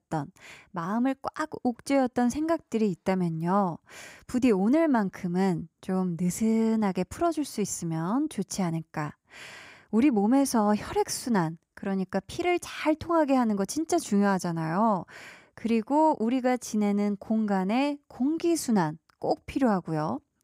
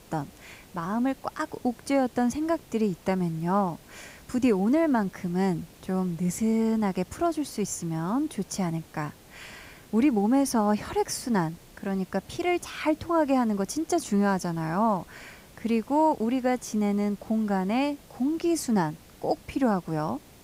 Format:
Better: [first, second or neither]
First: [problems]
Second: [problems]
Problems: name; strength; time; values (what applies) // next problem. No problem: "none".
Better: first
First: none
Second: hiss; faint; throughout; 25 dB below the speech